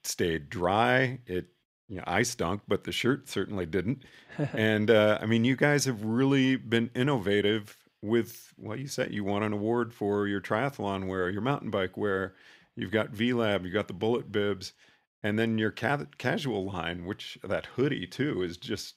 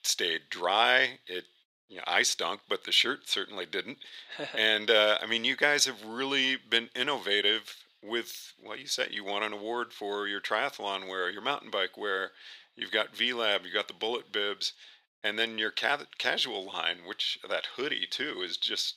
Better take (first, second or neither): first